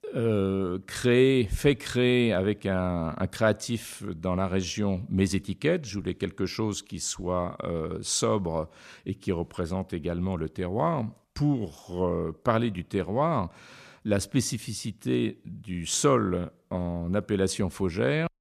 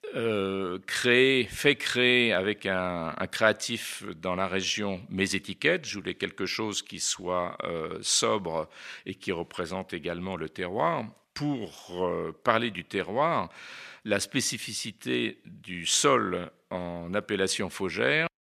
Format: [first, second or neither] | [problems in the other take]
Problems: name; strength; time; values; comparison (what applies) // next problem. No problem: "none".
first | thin; very slightly; fading below 800 Hz